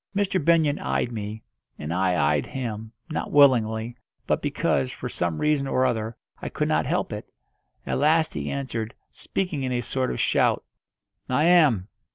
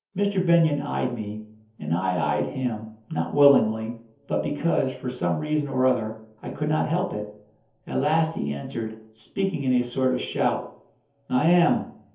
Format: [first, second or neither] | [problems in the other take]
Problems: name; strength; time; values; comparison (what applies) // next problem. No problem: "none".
first | room echo; dies away in 0.5 s